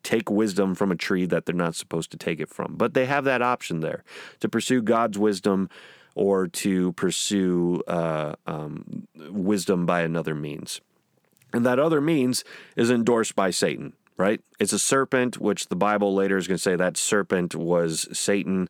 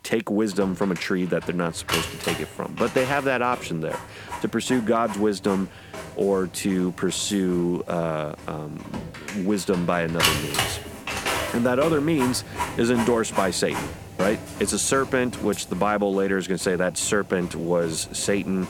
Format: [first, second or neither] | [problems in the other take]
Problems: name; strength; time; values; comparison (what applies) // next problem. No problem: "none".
first | household noises; loud; throughout; 7 dB below the speech